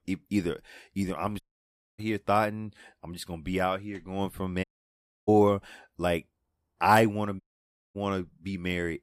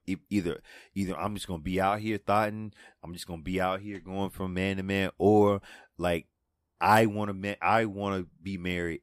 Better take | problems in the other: second | audio cutting out; at 1.5 s for 0.5 s, at 4.5 s for 0.5 s and at 7.5 s for 0.5 s

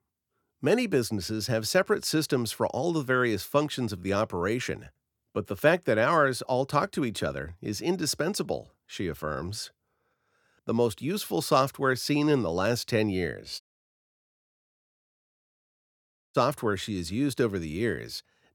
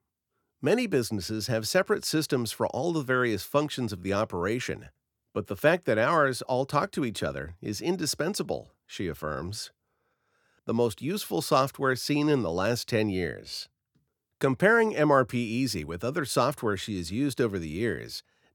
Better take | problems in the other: second | audio cutting out; at 14 s for 2.5 s

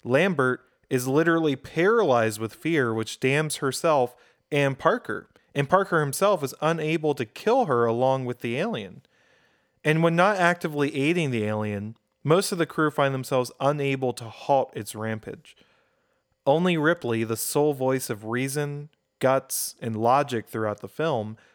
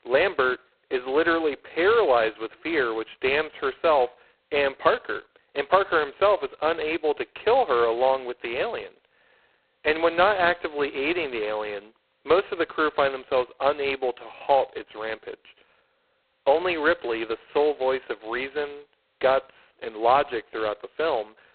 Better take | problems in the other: first | phone-call audio; poor line; nothing above 4 kHz

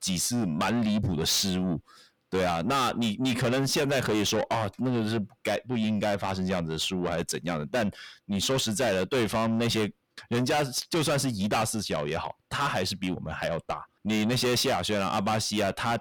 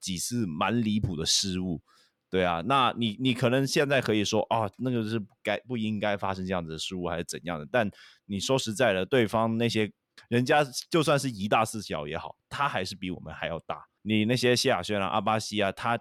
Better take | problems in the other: second | distortion; heavy; 6 dB below the speech

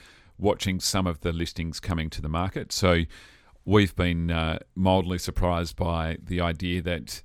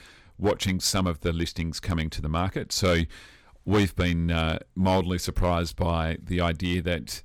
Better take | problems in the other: first | distortion; slight; 3% of the sound clipped

